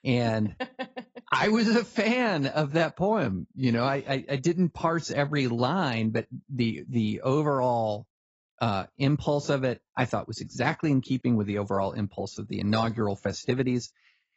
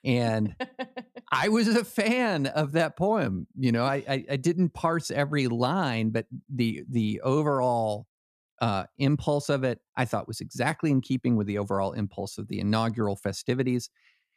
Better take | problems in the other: second | garbled, watery; badly; nothing above 7.5 kHz

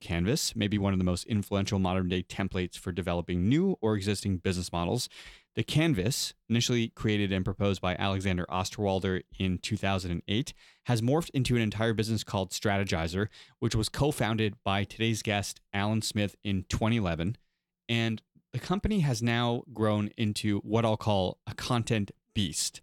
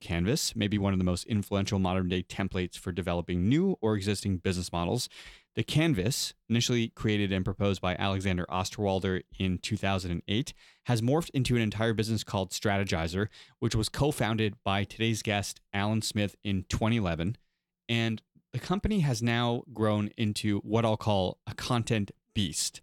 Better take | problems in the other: neither | none

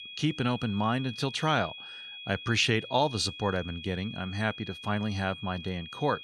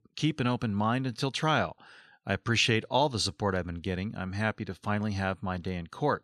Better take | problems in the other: second | high-pitched whine; noticeable; throughout; 3.5 kHz, 10 dB below the speech

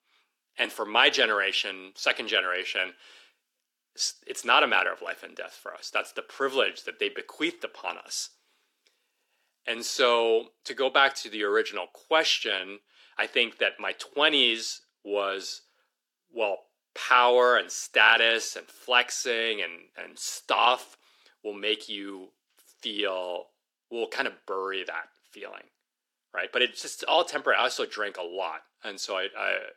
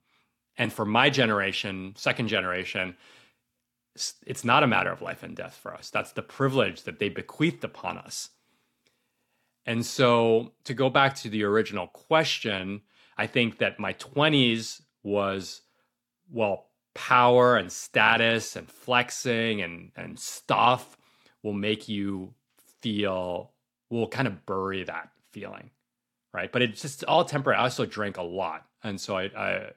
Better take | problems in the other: second | thin; somewhat; fading below 350 Hz

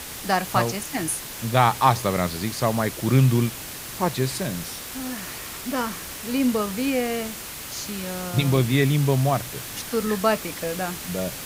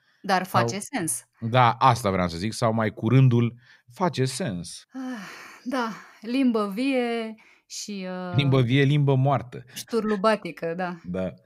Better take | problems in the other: second | hiss; loud; throughout; 9 dB below the speech

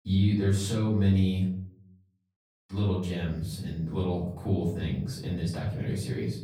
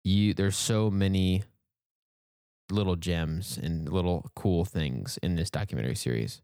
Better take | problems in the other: second | off-mic speech; far // room echo; noticeable; dies away in 0.6 s

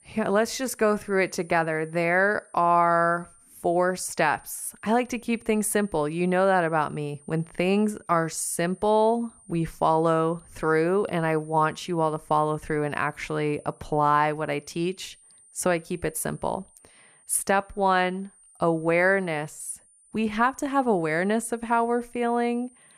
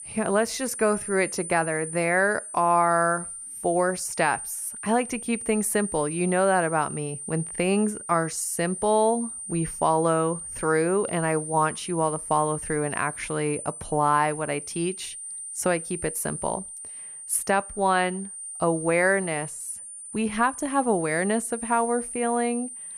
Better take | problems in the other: first | high-pitched whine; loud; throughout; 9 kHz, 9 dB below the speech; faint in the first

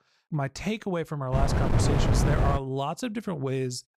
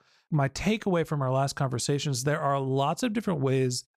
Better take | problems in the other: second | wind noise on the microphone; heavy; from 1.5 to 2.5 s; as loud as the speech

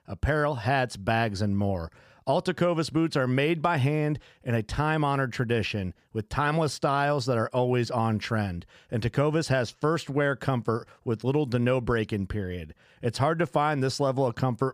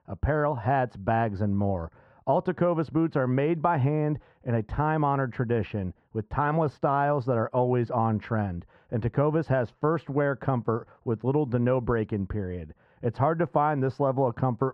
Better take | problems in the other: first | muffled; very; fading above 3 kHz

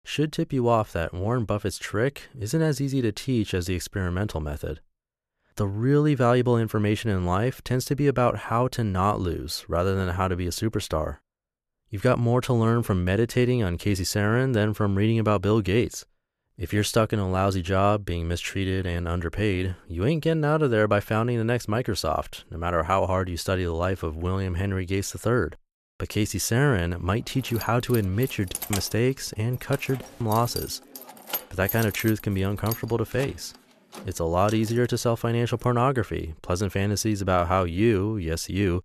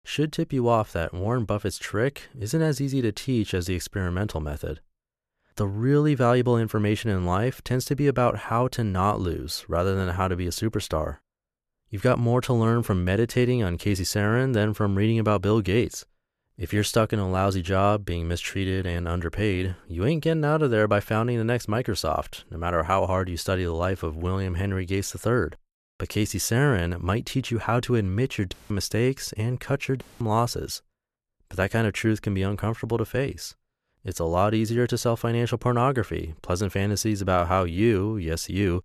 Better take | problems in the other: second | jangling keys; noticeable; from 28 to 35 s; peak 4 dB below the speech

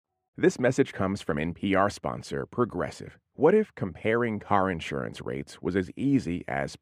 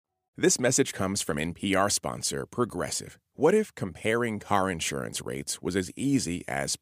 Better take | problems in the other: second | muffled; very; fading above 4 kHz

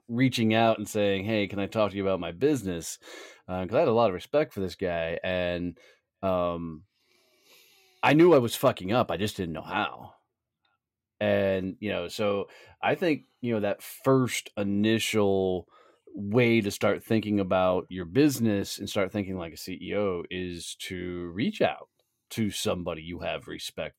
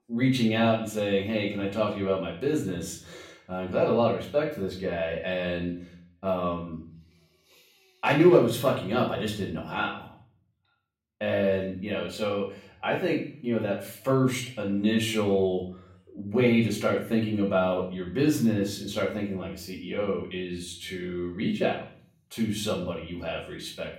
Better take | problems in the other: first | room echo; slight; dies away in 0.5 s // off-mic speech; far

